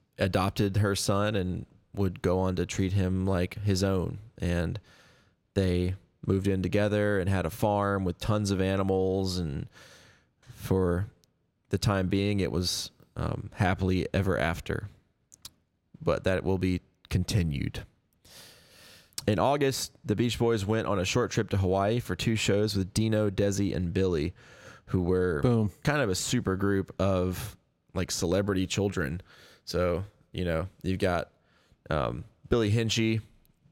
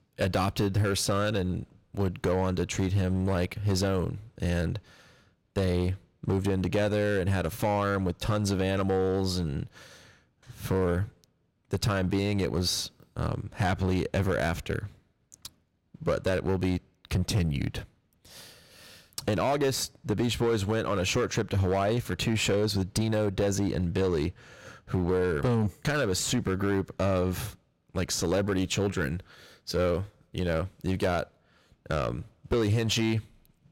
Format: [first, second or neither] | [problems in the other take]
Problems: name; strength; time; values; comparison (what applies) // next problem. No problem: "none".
first | distortion; slight; 8% of the sound clipped